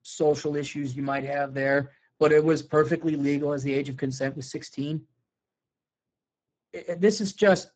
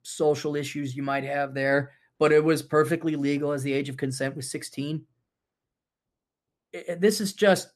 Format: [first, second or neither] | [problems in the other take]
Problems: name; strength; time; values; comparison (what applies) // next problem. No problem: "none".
second | garbled, watery; badly; nothing above 7.5 kHz